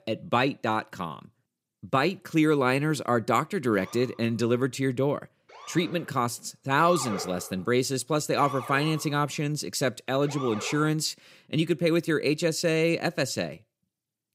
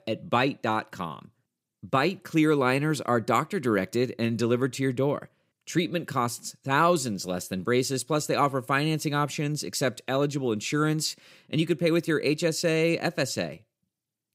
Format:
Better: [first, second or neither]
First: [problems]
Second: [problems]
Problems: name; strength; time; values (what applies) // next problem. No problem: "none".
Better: second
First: siren; noticeable; from 3.5 to 11 s; peak 8 dB below the speech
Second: none